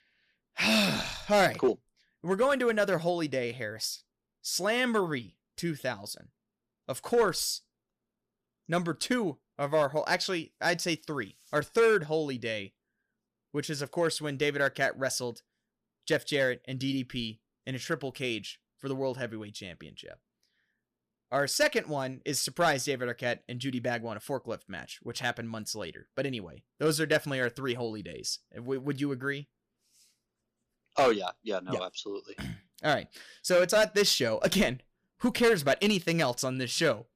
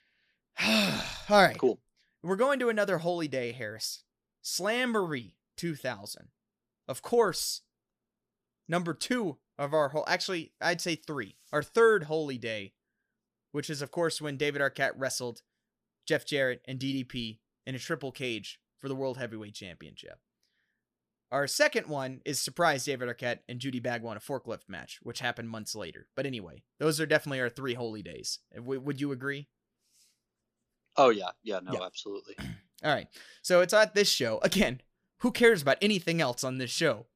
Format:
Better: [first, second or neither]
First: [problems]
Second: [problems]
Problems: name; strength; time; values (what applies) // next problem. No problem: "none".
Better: second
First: distortion; slight; 1.8% of the sound clipped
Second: none